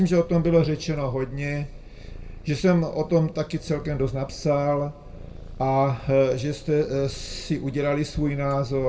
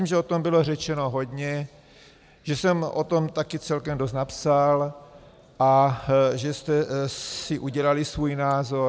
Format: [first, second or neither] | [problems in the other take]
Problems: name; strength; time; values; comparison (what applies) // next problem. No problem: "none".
second | background sound (Purr); 16 dB below the speech // room echo; dies away in 0.2 s